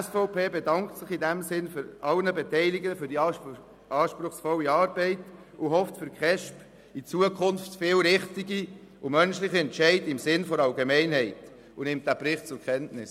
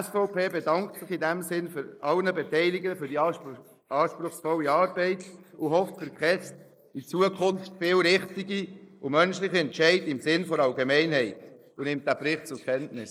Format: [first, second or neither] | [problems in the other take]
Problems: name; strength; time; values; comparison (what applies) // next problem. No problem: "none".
first | noise reduction (neural mask model Resemble Enhance denoiser)